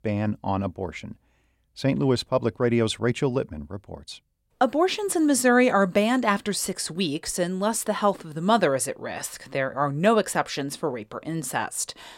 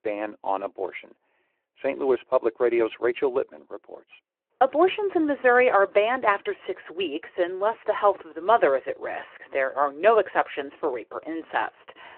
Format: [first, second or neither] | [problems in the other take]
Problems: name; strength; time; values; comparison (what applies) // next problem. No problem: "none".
first | phone-call audio